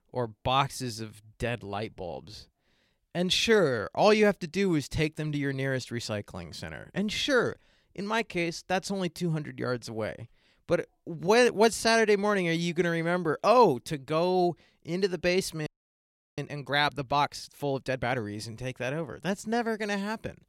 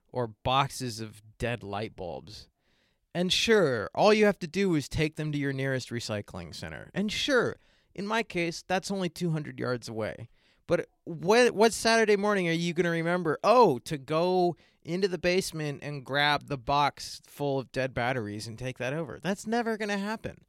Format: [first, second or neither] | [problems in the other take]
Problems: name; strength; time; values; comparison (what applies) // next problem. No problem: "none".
second | audio freezing; at 16 s for 0.5 s